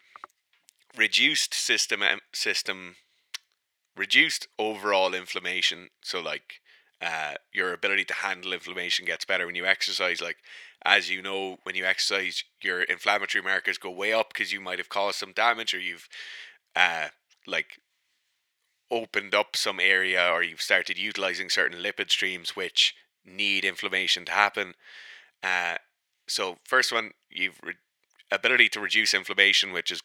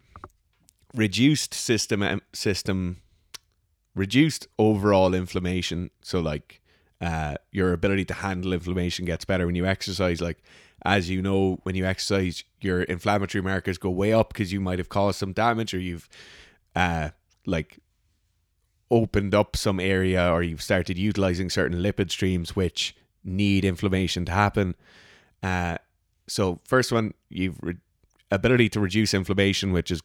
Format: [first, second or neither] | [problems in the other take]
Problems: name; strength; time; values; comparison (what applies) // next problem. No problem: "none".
second | thin; very; fading below 600 Hz